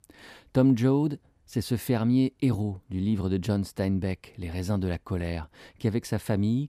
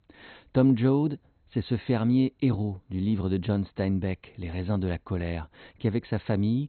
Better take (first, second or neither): first